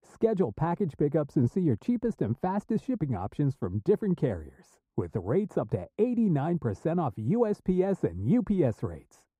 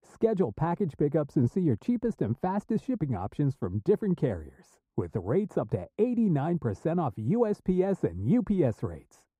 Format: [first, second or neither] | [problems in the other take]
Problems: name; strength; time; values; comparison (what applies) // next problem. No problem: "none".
neither | muffled; very; fading above 1.5 kHz; the same in both